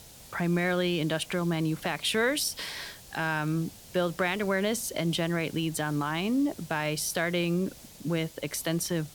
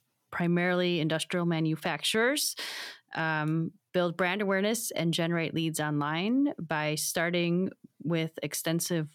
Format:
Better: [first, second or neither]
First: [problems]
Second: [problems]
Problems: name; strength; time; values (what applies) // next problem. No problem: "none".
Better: second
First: hiss; noticeable; throughout; 20 dB below the speech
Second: none